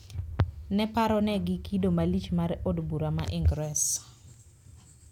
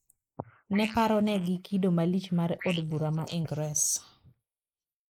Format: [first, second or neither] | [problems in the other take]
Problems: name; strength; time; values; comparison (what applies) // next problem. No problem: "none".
first | noise reduction (neural mask model Resemble Enhance denoiser)